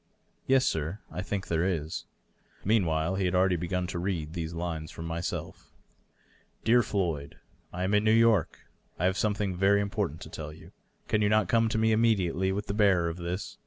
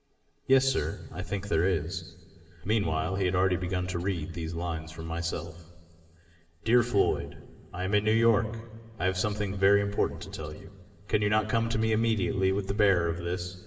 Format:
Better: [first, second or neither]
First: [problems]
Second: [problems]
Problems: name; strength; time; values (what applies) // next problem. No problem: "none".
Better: first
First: none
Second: room echo; dies away in 2.1 s